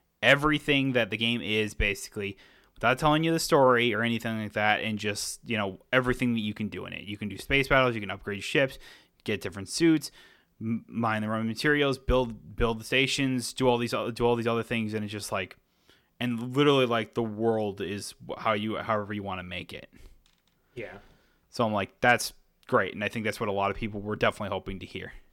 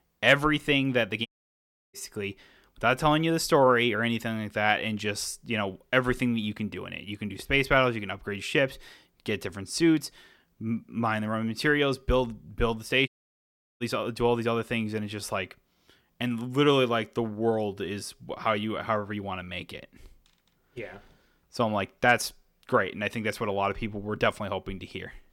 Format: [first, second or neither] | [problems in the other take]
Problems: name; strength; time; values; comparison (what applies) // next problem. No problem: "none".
first | audio cutting out; at 1.5 s for 0.5 s and at 13 s for 0.5 s